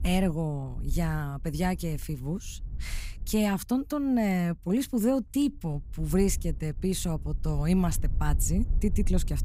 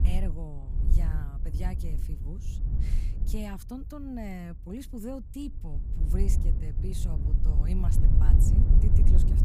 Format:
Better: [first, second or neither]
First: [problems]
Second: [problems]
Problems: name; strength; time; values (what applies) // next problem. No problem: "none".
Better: first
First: wind noise on the microphone; occasional gusts; 20 dB below the speech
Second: wind noise on the microphone; heavy; 1 dB below the speech